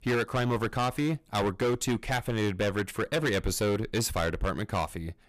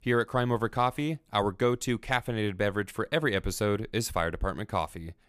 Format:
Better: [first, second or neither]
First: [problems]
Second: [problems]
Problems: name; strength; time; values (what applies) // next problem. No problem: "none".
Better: second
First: distortion; heavy; 14% of the sound clipped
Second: none